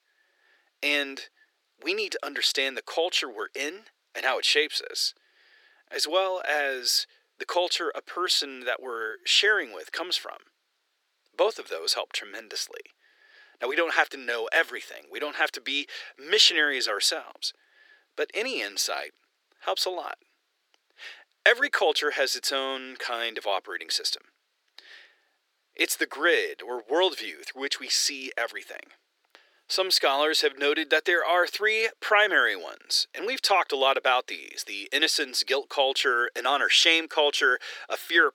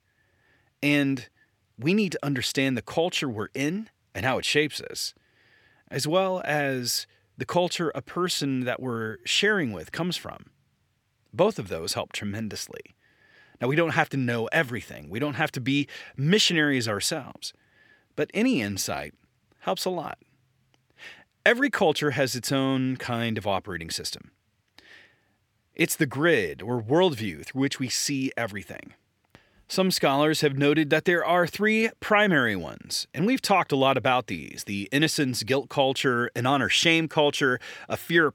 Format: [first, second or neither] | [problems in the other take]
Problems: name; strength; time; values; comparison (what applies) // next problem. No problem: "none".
second | thin; very; fading below 350 Hz